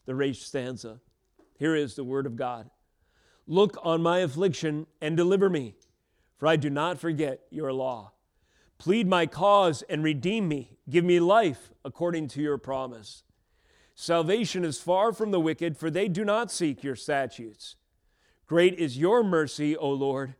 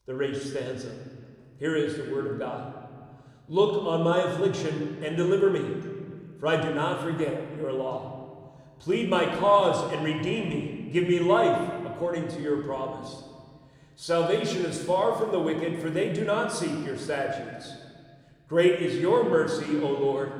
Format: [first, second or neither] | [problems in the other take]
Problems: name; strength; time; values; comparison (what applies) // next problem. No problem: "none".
first | room echo; slight; dies away in 1.7 s